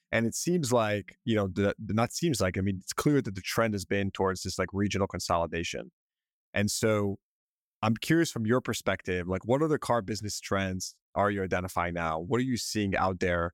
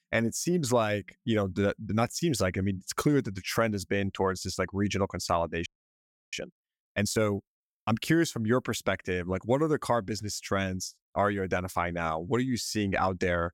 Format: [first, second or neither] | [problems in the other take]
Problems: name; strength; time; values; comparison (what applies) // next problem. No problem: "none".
first | audio freezing; at 5.5 s for 0.5 s